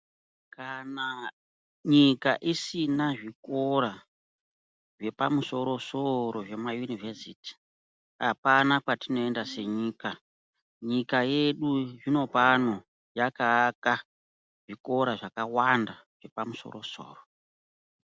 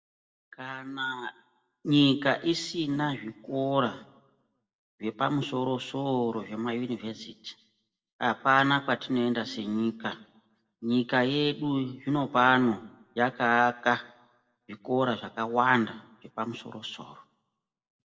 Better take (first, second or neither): first